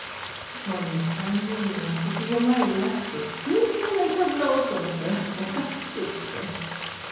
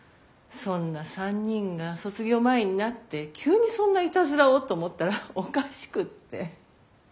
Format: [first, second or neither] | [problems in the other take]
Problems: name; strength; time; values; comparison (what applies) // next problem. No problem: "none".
second | background sound (Frying (food)); 8 dB below the speech // room echo; dies away in 1 s